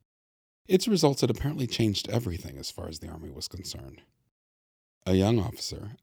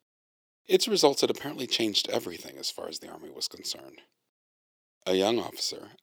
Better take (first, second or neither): first